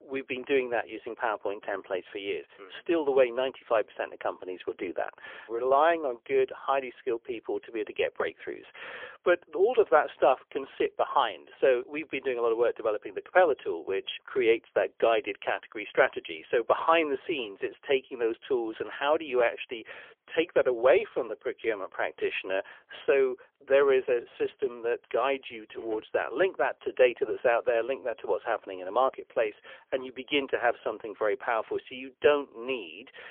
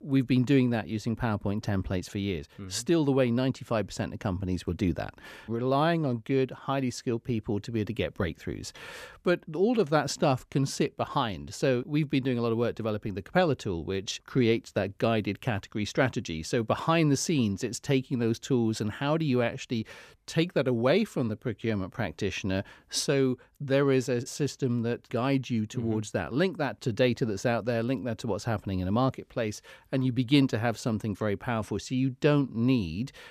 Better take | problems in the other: second | phone-call audio; poor line; nothing above 3.5 kHz

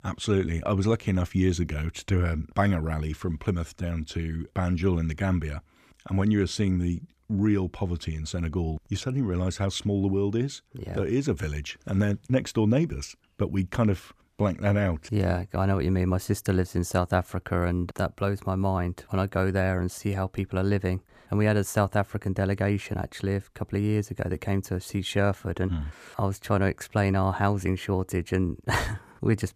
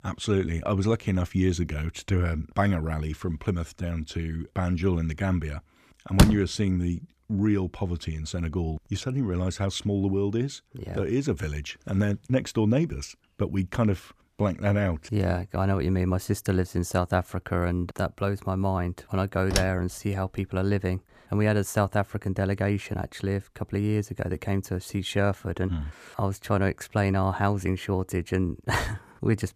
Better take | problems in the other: first | door banging; loud; at 6 s; peak 6 dB above the speech // door banging; noticeable; at 20 s; peak 2 dB below the speech

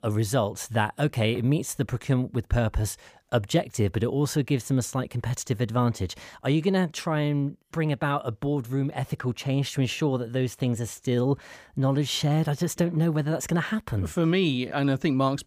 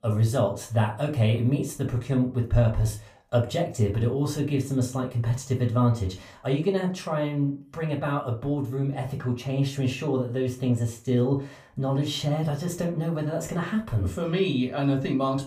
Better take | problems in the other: first | off-mic speech; far // room echo; very slight; dies away in 0.3 s

